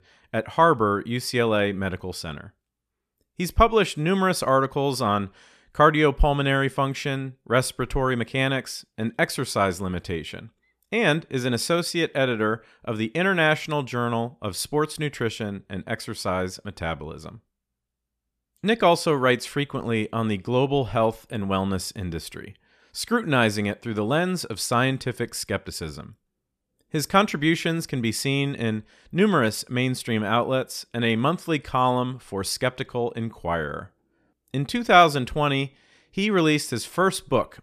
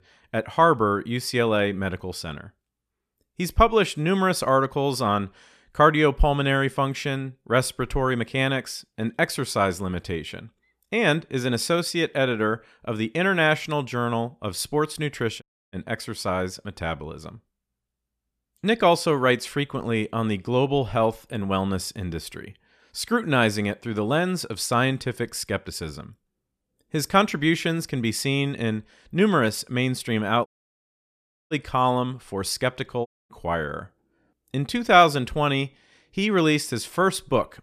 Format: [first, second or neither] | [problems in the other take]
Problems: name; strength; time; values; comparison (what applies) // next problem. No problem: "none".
first | audio cutting out; at 15 s, at 30 s for 1 s and at 33 s